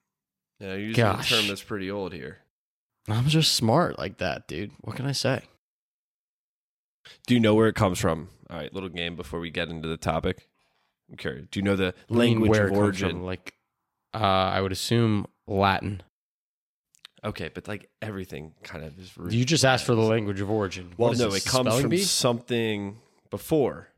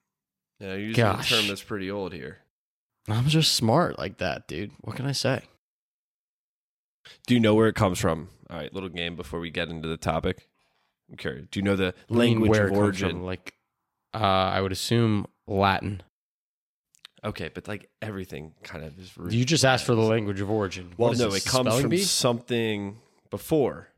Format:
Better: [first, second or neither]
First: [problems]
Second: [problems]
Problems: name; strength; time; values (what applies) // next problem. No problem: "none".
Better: neither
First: none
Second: none